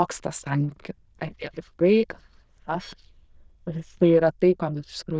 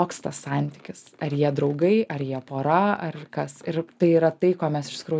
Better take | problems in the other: second | noise reduction (neural diffusion model UNIVERSE++)

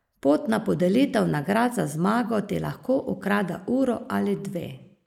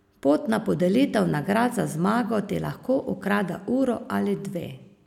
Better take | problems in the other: second | noise reduction (neural mask model Resemble Enhance denoiser)

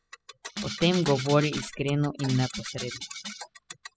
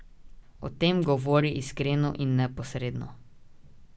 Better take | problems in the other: second | noise reduction (classical method spectral subtraction)

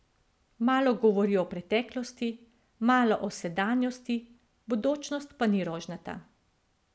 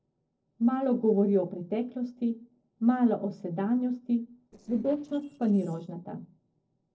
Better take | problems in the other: first | noise reduction (neural separator model SepFormer DNS4)

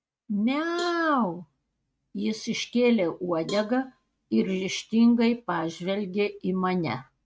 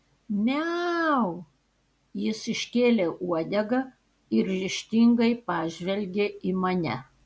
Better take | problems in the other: second | noise reduction (neural mask model RNNoise)

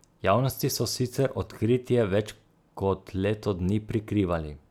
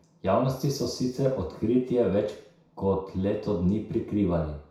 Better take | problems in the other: first | room echo; dies away in 0.6 s

